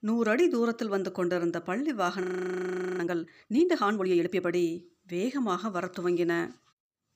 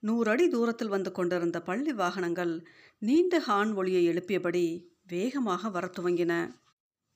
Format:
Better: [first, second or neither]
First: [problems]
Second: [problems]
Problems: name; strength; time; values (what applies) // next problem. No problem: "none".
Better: second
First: audio freezing; at 2 s for 1 s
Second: none